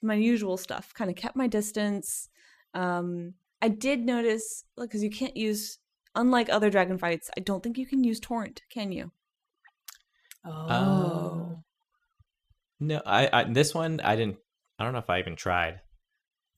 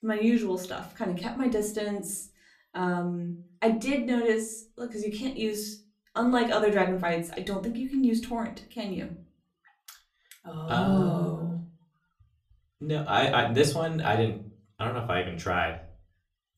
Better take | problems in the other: first | off-mic speech; somewhat distant // room echo; very slight; dies away in 0.3 s

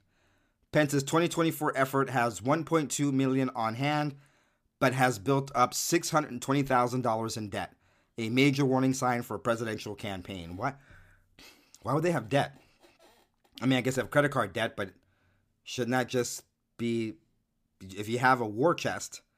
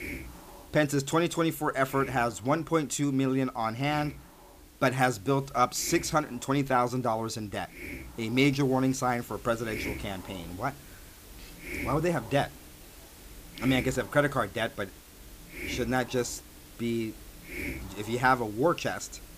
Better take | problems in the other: first | hiss; noticeable; throughout; 15 dB below the speech

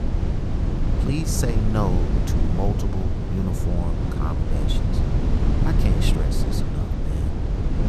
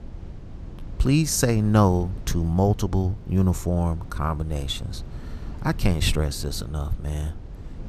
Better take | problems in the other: second | low rumble; loud; throughout; as loud as the speech; faint in the second

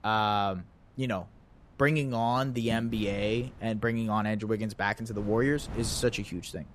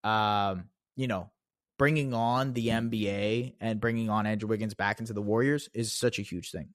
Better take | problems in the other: second | wind noise on the microphone; occasional gusts; 20 dB below the speech

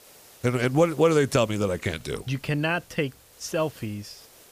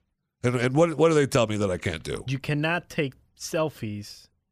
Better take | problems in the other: second | hiss; faint; throughout; 25 dB below the speech

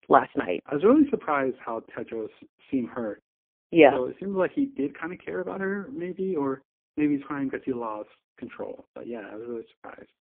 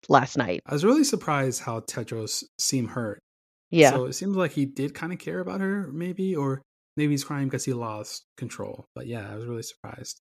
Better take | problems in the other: second | phone-call audio; poor line

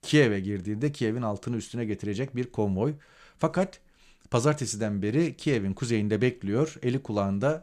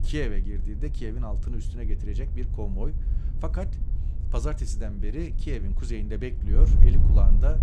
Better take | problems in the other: first | wind noise on the microphone; heavy; 7 dB below the speech

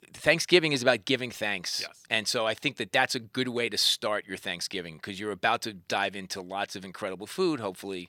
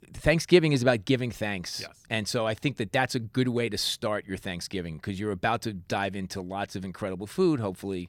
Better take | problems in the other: second | thin; very slightly; fading below 550 Hz

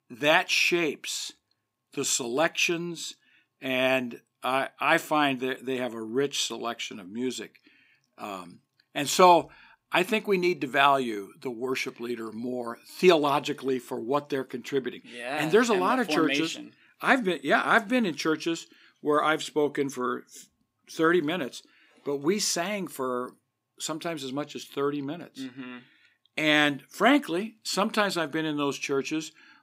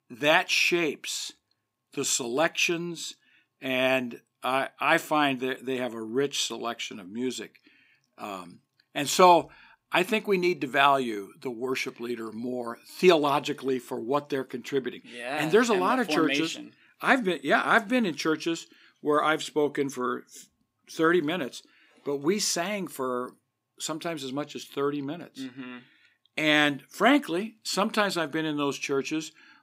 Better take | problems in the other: neither | thin; very slightly; fading below 1 kHz; the same in both

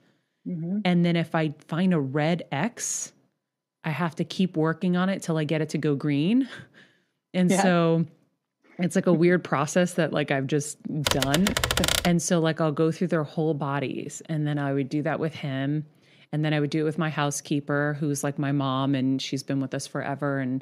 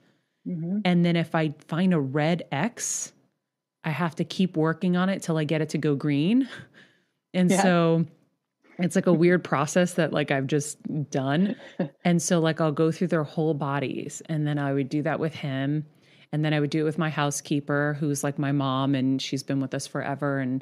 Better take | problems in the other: second | keyboard typing; loud; from 11 to 12 s; peak 3 dB above the speech

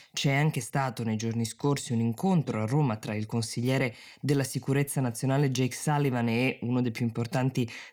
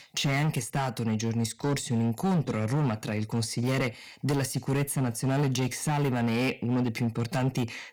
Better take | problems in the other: first | distortion; slight; 13% of the sound clipped

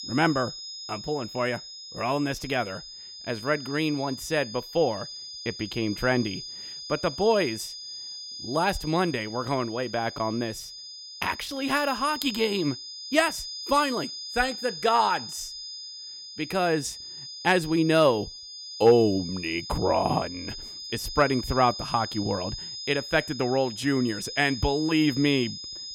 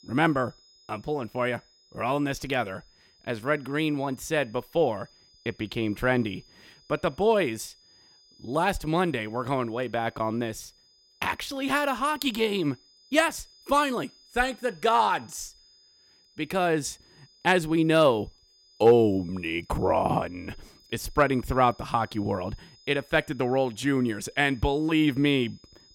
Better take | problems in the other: second | high-pitched whine; loud; throughout; 5 kHz, 10 dB below the speech; faint in the second

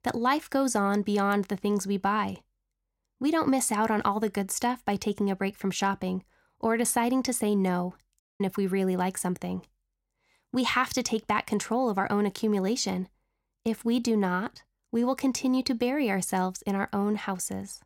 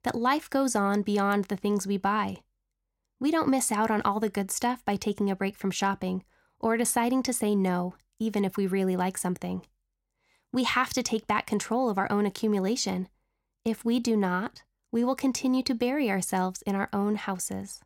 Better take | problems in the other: second | audio cutting out; at 8 s

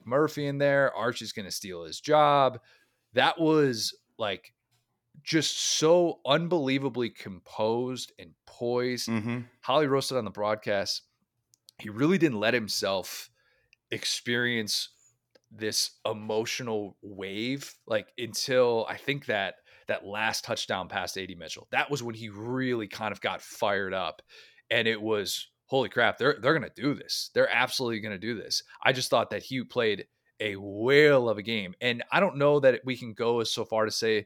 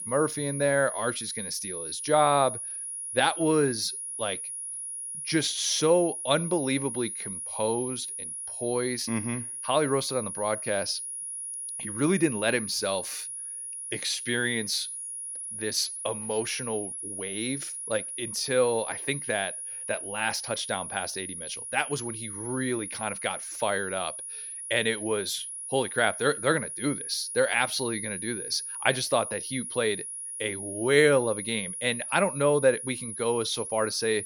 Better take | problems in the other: first | high-pitched whine; loud; throughout; 10.5 kHz, 6 dB below the speech

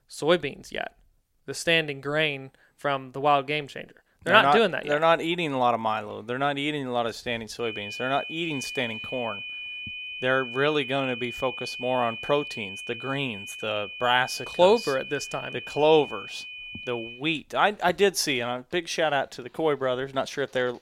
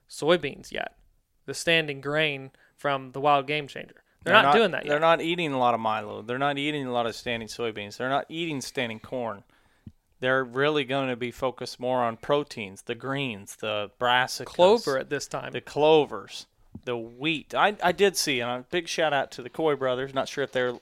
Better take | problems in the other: second | high-pitched whine; loud; from 7.5 to 17 s; 2.5 kHz, 9 dB below the speech

